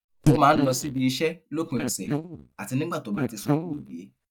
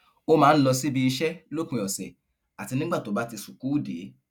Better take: second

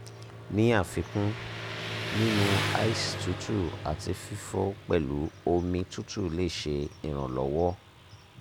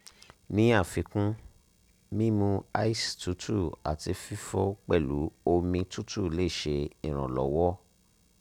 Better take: second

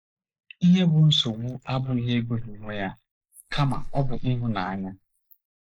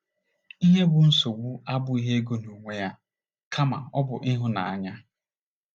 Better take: second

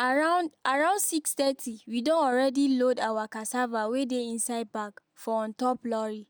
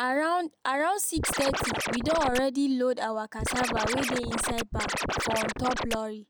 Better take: first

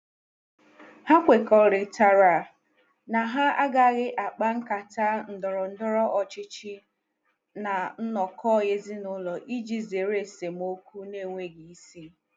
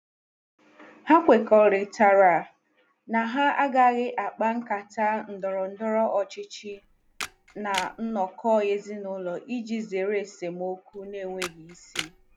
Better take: first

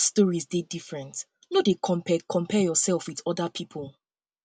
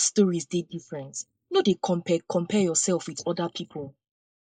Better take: first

